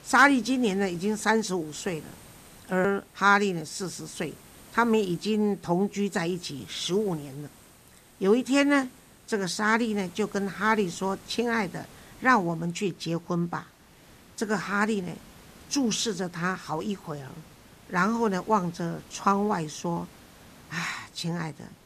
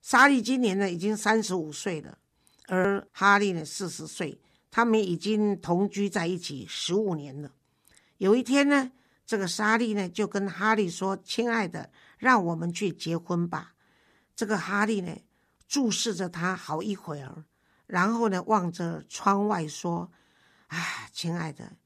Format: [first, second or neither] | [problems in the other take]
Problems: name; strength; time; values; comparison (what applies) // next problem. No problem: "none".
second | hiss; faint; throughout; 25 dB below the speech